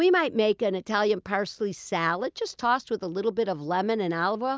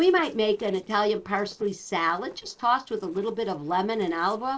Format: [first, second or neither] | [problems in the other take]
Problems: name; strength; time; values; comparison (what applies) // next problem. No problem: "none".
first | noise reduction (neural separator model SepFormer DNS4)